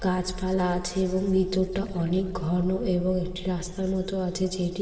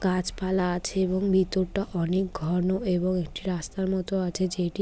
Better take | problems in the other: second | room echo; dies away in 2.3 s

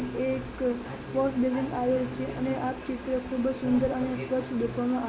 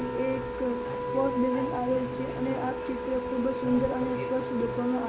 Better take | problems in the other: first | background sound (Wind instrument, woodwind instrument); 4 dB below the speech

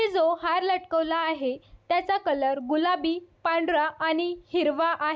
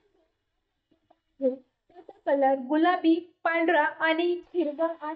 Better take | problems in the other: first | noise reduction (neural mask model DeepFilterNet 3)

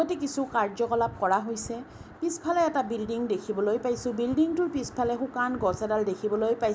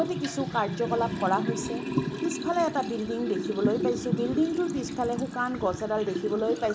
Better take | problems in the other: first | background sound (Liquid); 4 dB below the speech

